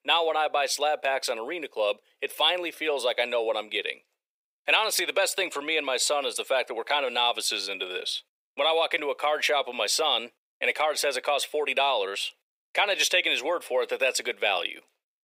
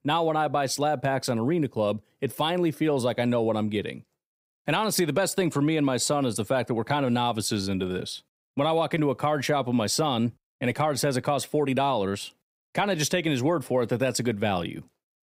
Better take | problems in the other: second | thin; very; fading below 500 Hz

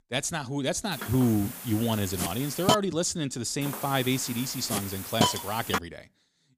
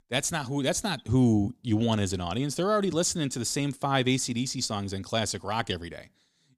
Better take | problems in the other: second | hiss; loud; from 1 to 2.5 s and from 3.5 to 6 s; 3 dB below the speech

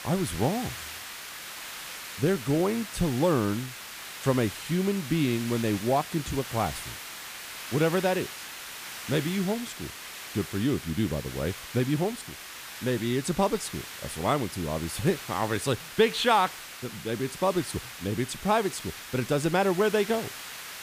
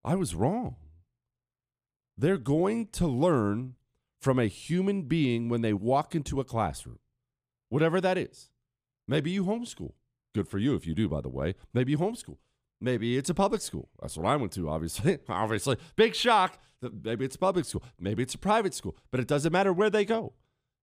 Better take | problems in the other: second | hiss; noticeable; throughout; 10 dB below the speech

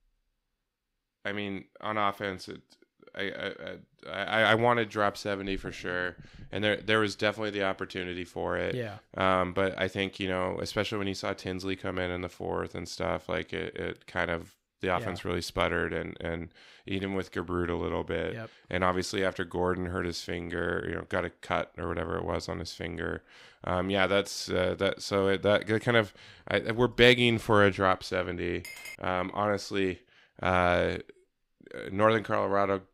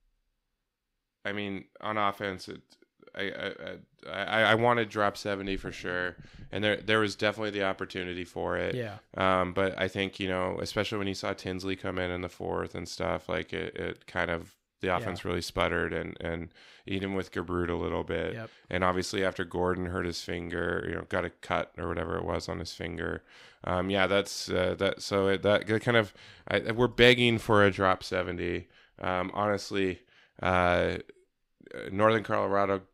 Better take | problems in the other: second | clattering dishes; faint; at 29 s; peak 10 dB below the speech

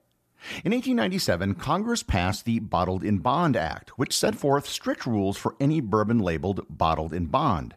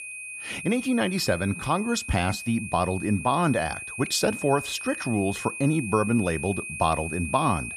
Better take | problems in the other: first | high-pitched whine; loud; throughout; 2.5 kHz, 8 dB below the speech

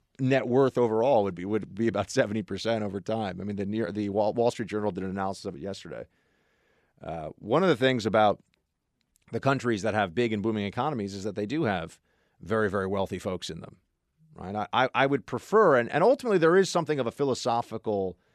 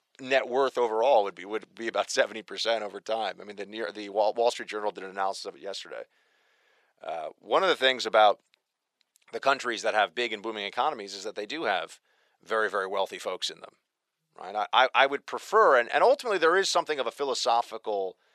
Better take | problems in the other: first | thin; very; fading below 650 Hz

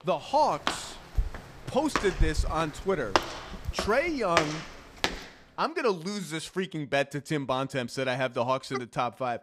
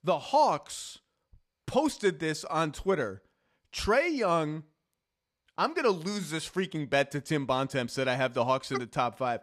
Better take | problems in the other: second | footsteps; loud; from 0.5 to 5 s; peak 1 dB above the speech

